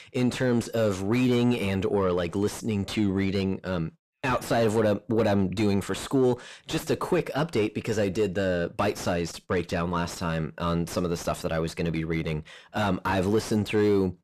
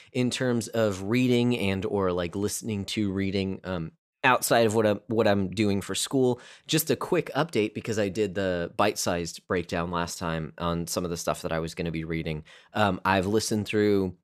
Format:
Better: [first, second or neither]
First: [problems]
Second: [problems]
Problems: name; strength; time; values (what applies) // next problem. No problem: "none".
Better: second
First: distortion; heavy; 7 dB below the speech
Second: none